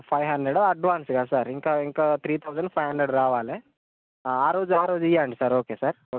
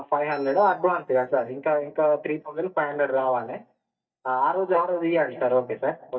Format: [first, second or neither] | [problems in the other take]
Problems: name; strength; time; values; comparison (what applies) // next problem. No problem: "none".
first | noise reduction (neural mask model DeepFilterNet 3)